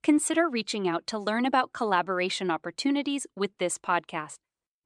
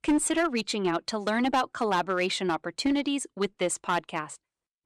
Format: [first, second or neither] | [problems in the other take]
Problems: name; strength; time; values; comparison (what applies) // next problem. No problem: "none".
first | distortion; slight; 5% of the sound clipped